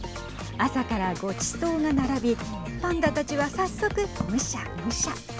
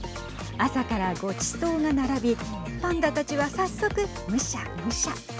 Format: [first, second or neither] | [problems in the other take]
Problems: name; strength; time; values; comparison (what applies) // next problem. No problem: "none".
second | background sound (Walk, footsteps); 13 dB below the speech